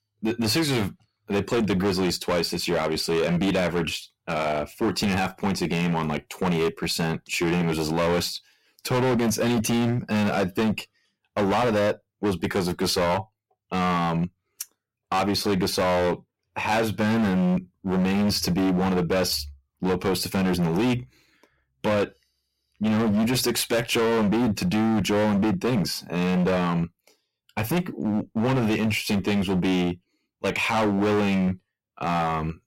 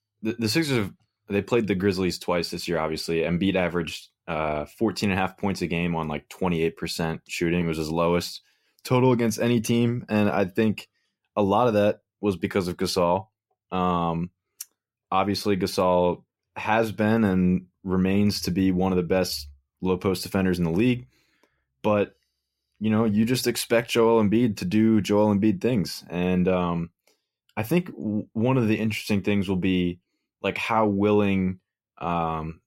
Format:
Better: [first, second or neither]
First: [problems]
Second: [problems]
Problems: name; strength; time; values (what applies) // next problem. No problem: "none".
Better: second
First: distortion; heavy; 21% of the sound clipped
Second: none